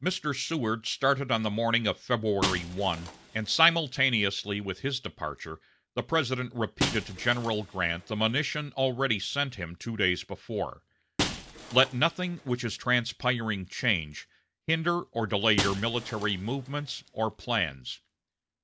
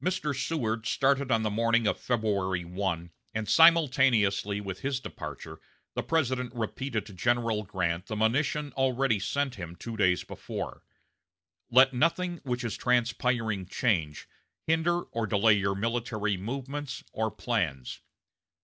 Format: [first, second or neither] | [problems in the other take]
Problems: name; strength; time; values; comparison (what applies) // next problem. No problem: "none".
second | background sound (Shatter); 12 dB below the speech